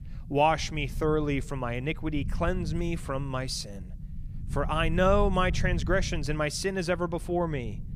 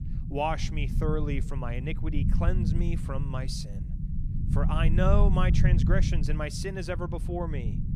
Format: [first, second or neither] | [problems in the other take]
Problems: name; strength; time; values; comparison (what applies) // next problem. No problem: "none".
first | low rumble; loud; throughout; 7 dB below the speech; faint in the first